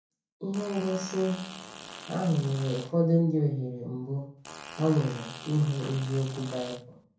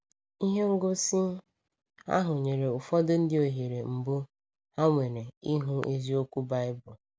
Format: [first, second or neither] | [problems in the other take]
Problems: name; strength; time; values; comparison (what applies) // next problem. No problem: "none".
second | background sound (Fart); 15 dB below the speech // room echo; dies away in 0.5 s